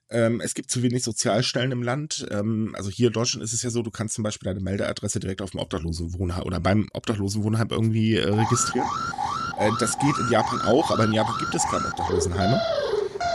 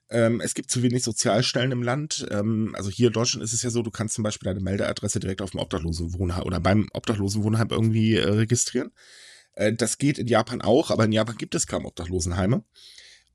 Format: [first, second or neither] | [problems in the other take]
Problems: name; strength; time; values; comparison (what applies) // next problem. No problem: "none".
second | alarm; loud; from 8.5 s on; peak 1 dB above the speech